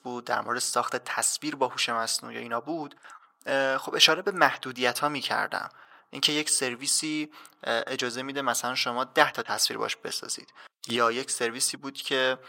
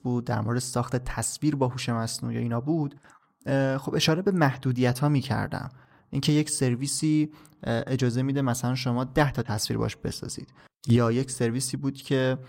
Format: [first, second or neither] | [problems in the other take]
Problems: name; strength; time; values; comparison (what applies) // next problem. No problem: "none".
second | thin; very; fading below 600 Hz